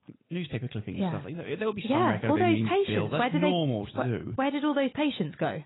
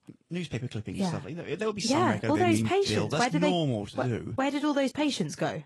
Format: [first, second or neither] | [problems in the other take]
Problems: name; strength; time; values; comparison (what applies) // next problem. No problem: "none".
second | garbled, watery; badly; nothing above 4 kHz; slightly in the second